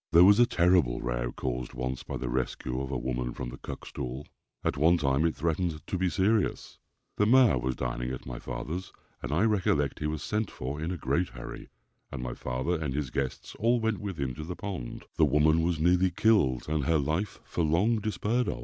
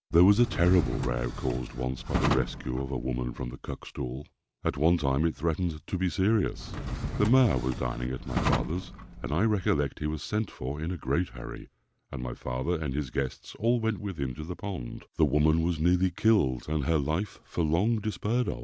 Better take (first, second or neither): first